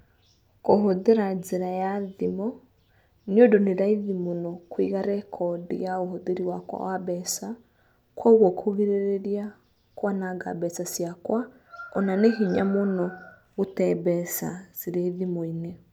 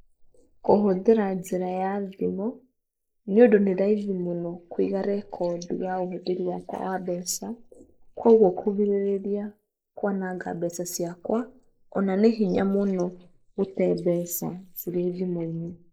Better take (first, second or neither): first